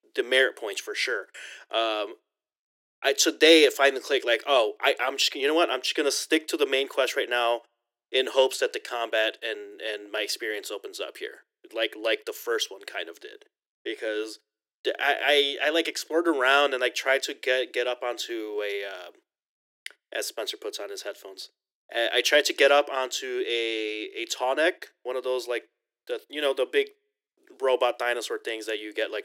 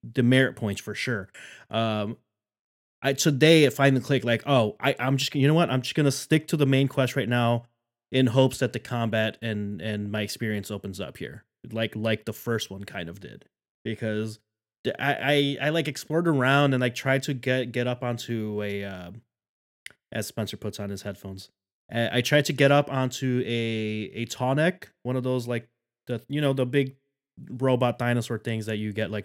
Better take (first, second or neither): second